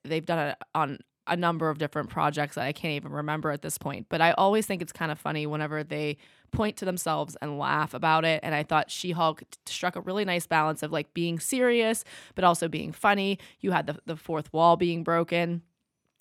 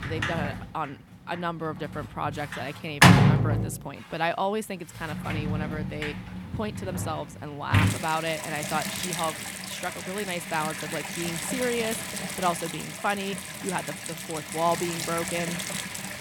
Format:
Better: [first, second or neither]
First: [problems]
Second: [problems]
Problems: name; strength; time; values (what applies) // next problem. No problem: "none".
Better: first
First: none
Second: household noises; very loud; throughout; 4 dB above the speech